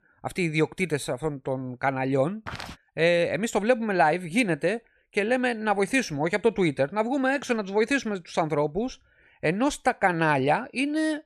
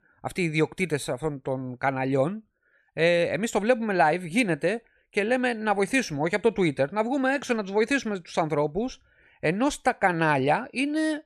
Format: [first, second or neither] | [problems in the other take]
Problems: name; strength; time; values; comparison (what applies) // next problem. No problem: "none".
second | footsteps; faint; at 2.5 s; peak 10 dB below the speech